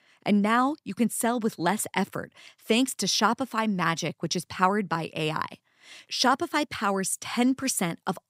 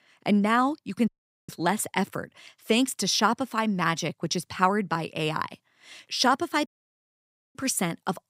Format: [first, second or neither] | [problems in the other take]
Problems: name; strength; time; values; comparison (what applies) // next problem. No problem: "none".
first | audio cutting out; at 1 s and at 6.5 s for 1 s